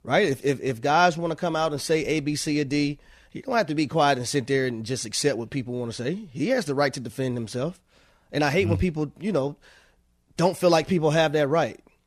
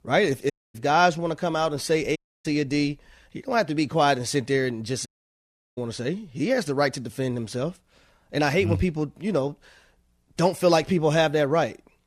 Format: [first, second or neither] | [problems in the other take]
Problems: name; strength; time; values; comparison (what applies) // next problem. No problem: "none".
first | audio cutting out; at 0.5 s, at 2 s and at 5 s for 0.5 s